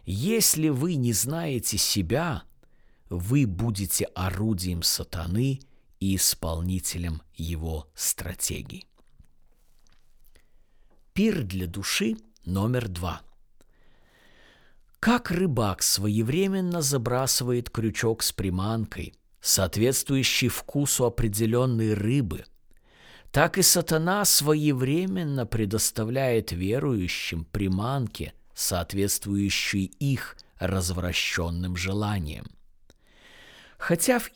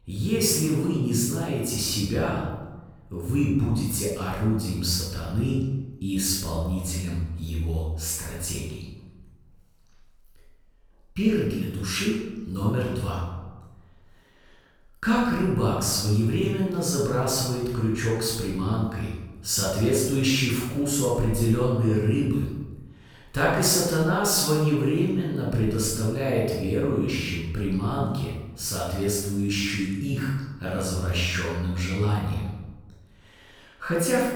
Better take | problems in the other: first | room echo; strong; dies away in 1 s // off-mic speech; far

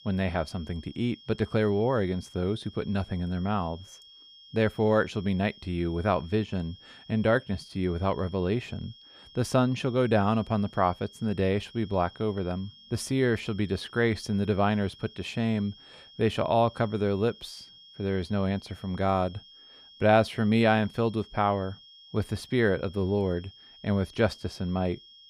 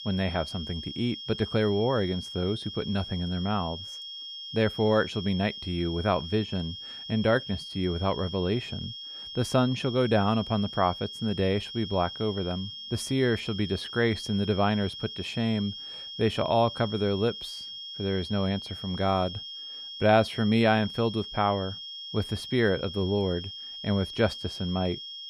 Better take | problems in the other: first | high-pitched whine; loud; throughout; 3.5 kHz, 9 dB below the speech; faint in the first

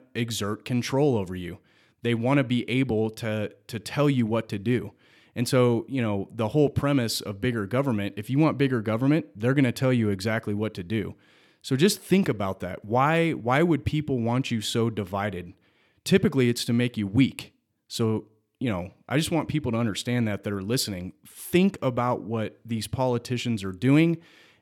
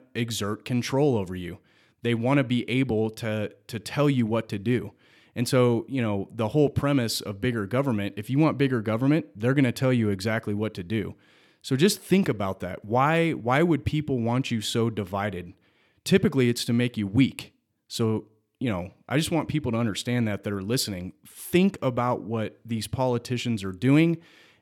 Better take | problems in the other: neither | none

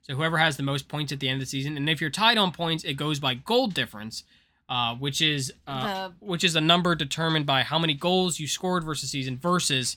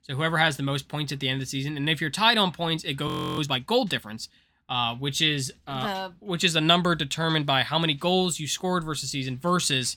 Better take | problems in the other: first | audio freezing; at 3 s

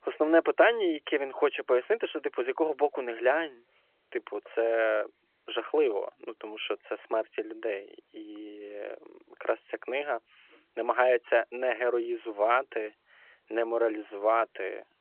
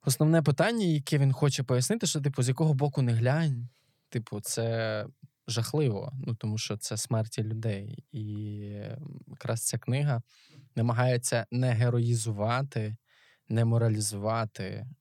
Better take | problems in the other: second | phone-call audio

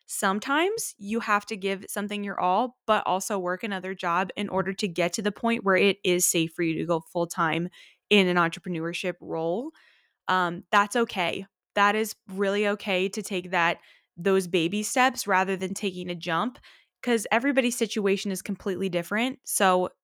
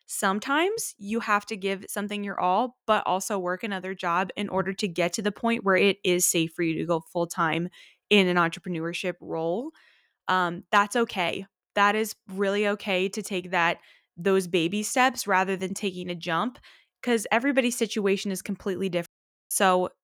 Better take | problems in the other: first | audio cutting out; at 19 s

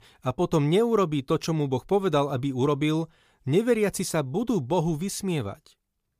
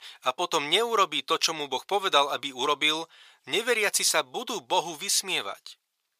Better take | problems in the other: first | thin; very; fading below 850 Hz

